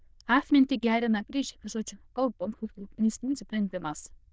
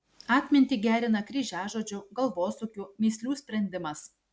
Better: second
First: noise reduction (neural diffusion model UNIVERSE++)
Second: none

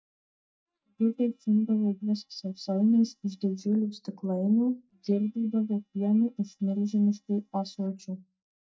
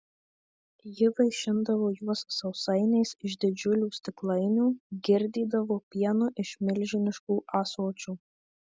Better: second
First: noise reduction (neural mask model DeepFilterNet 3)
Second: none

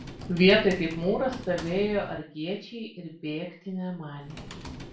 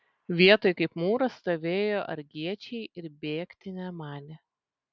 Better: second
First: background sound (Computer keyboard); 15 dB below the speech // room echo; dies away in 0.3 s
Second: none

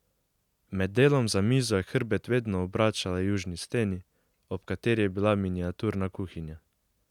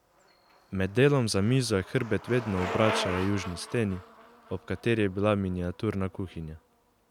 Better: first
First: none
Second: background sound (Bicycle); 12 dB below the speech

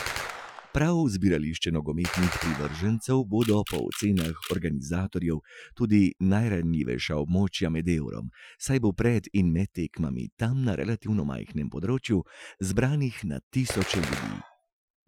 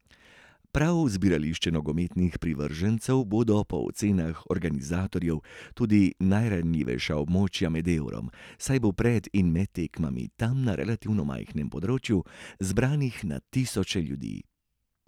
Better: second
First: noise reduction (classical method Wiener filter)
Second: none

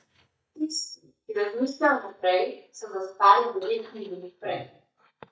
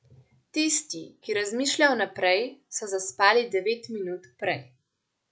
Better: second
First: noise reduction (neural mask model DeepFilterNet 3)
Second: none

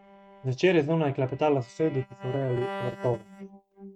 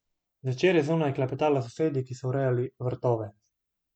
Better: second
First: noise reduction (neural mask model RNNoise)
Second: none

